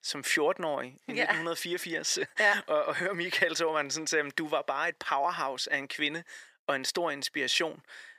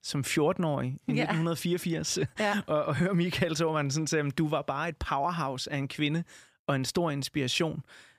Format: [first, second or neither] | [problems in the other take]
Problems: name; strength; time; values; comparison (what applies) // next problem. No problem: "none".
second | thin; very; fading below 500 Hz